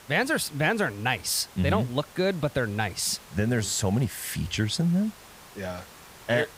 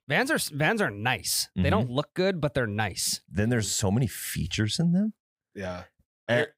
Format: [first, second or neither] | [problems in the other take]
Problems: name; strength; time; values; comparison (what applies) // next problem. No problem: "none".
second | hiss; faint; throughout; 20 dB below the speech